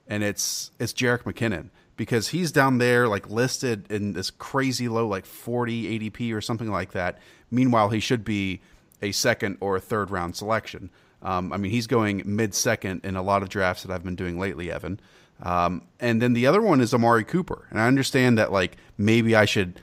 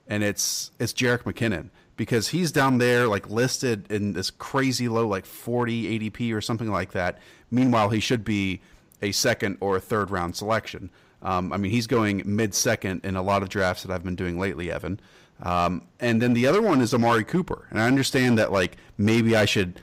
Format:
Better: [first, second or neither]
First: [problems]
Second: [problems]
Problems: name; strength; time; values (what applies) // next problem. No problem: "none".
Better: first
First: none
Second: distortion; slight; 5% of the sound clipped